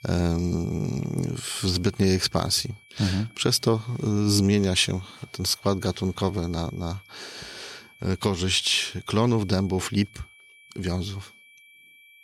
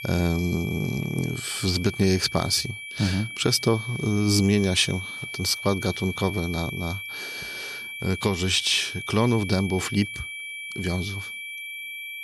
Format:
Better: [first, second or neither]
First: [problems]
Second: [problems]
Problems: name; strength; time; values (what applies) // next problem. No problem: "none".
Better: first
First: high-pitched whine; faint; throughout; 2.5 kHz, 25 dB below the speech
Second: high-pitched whine; loud; throughout; 2.5 kHz, 9 dB below the speech